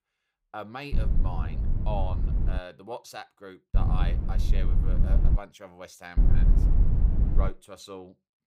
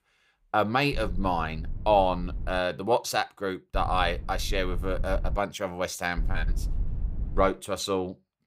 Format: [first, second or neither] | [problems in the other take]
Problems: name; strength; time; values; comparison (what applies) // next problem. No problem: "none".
second | low rumble; loud; from 1 to 2.5 s, from 3.5 to 5.5 s and from 6 to 7.5 s; 3 dB below the speech; faint in the second